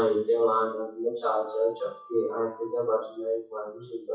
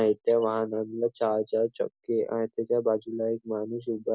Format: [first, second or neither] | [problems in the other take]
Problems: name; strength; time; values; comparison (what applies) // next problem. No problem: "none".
second | noise reduction (classical method WPE with log-MMSE)